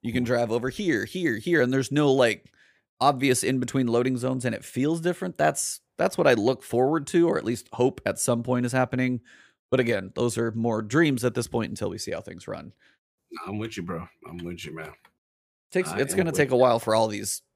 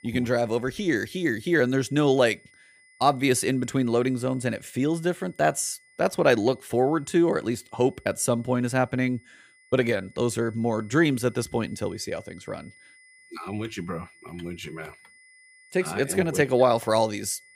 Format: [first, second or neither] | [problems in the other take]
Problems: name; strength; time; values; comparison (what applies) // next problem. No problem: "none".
first | high-pitched whine; faint; throughout; 2 kHz, 30 dB below the speech